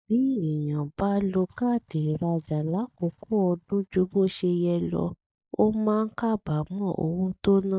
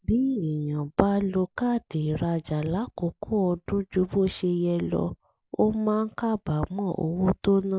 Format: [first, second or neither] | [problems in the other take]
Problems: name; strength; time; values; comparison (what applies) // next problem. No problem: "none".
second | noise reduction (neural mask model DeepFilterNet 3)